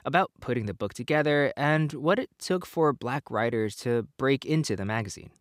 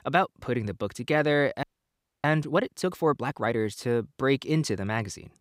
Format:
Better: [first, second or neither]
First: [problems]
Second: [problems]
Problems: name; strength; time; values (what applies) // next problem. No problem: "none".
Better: first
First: none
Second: audio freezing; at 1.5 s for 0.5 s